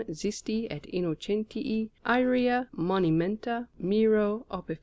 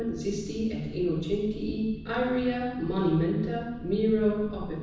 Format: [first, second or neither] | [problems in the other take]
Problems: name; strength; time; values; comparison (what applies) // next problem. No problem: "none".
first | background sound (Boat, Water vehicle); 14 dB below the speech // room echo; dies away in 1.1 s